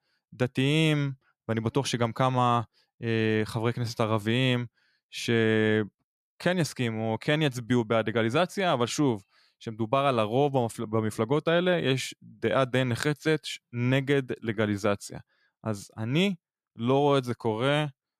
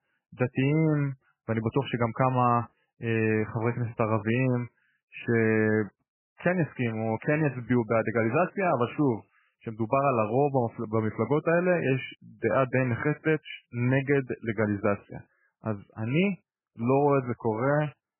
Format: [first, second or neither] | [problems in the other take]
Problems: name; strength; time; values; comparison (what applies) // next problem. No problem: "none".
first | garbled, watery; badly; nothing above 2.5 kHz